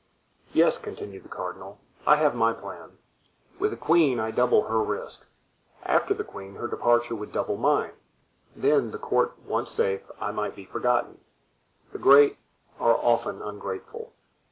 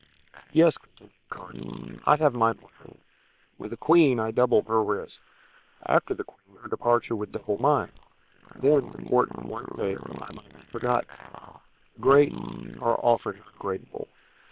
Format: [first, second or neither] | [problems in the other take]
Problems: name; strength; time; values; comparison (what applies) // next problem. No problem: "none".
first | noise reduction (neural separator model SepFormer WHAM!)